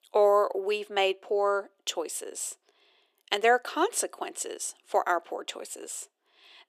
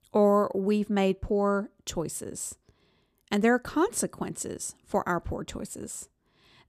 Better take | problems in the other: second | thin; very; fading below 350 Hz

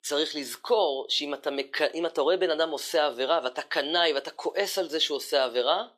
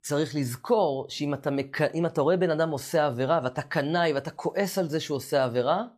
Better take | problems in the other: second | thin; somewhat; fading below 350 Hz

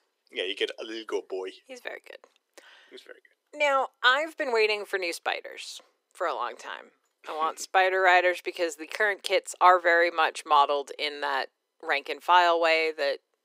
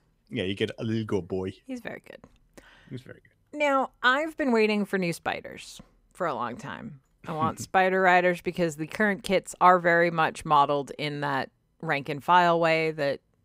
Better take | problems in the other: second | thin; very; fading below 350 Hz

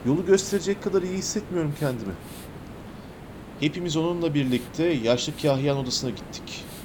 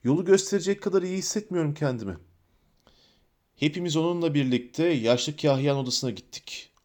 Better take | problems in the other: second | hiss; noticeable; throughout; 15 dB below the speech

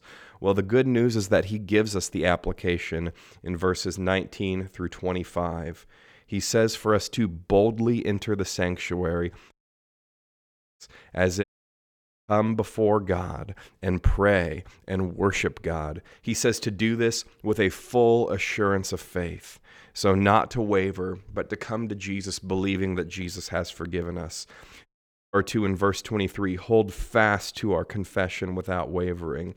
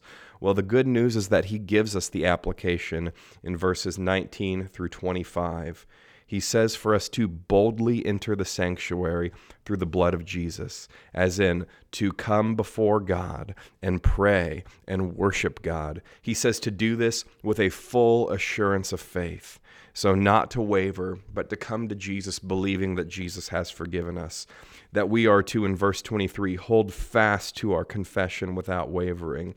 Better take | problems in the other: second | audio cutting out; at 9.5 s for 1.5 s, at 11 s for 1 s and at 25 s

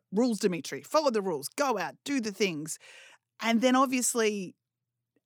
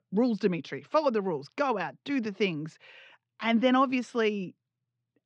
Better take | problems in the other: first | muffled; slightly; fading above 4 kHz

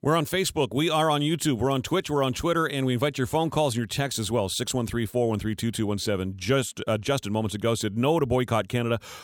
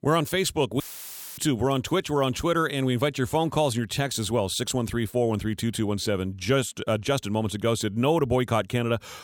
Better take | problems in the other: first | audio cutting out; filled with static; at 1 s for 0.5 s

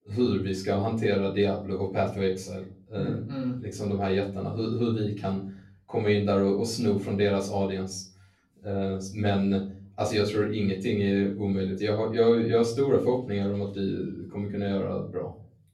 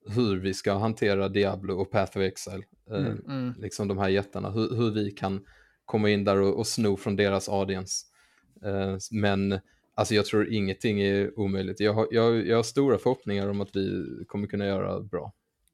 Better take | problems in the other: second | off-mic speech; far // room echo; slight; dies away in 0.4 s

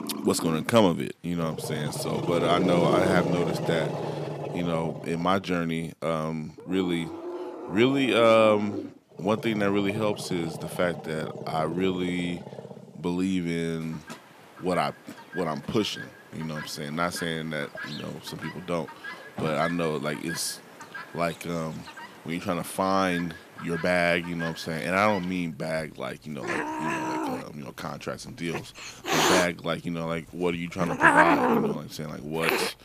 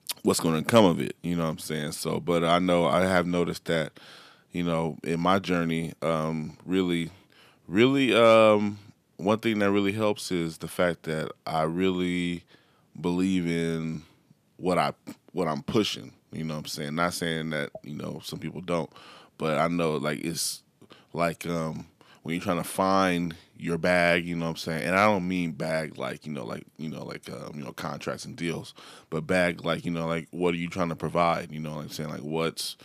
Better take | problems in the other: second | animal sounds; loud; throughout; 3 dB below the speech

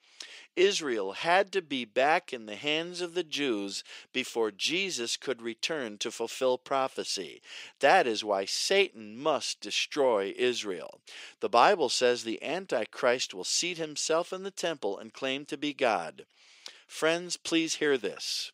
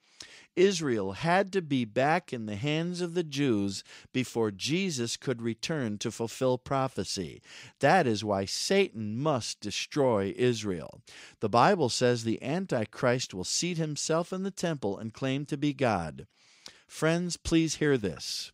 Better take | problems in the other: second | thin; somewhat; fading below 450 Hz

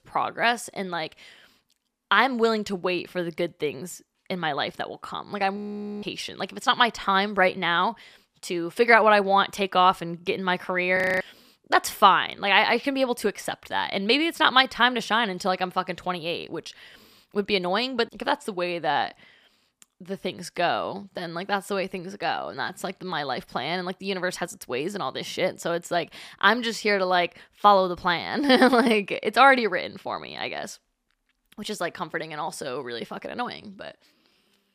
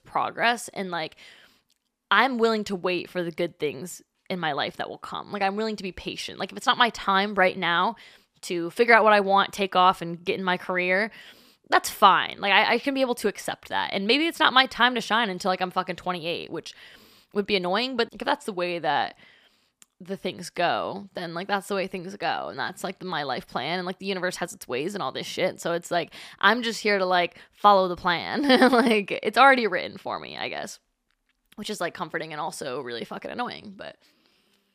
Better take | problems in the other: second | audio freezing; at 5.5 s and at 11 s

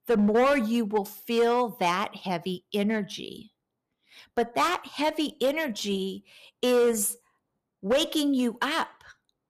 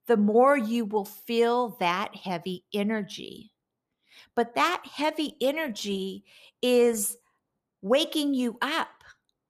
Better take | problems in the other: second | distortion; slight; 5% of the sound clipped

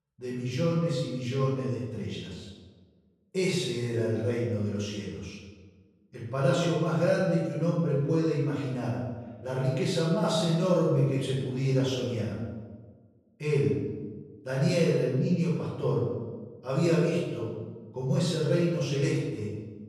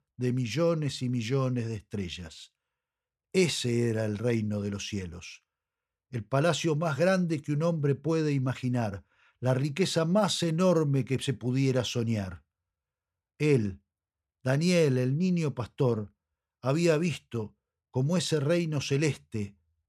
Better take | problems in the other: second | room echo; noticeable; dies away in 1.1 s // off-mic speech; far

